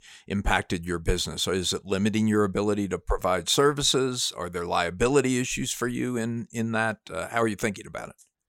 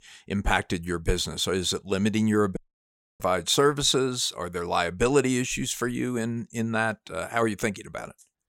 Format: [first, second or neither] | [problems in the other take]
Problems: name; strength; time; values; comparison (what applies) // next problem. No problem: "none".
first | audio cutting out; at 2.5 s for 0.5 s